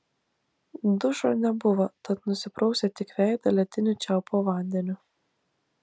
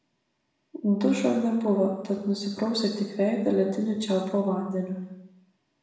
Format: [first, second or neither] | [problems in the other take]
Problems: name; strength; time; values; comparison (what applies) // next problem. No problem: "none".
first | room echo; dies away in 0.8 s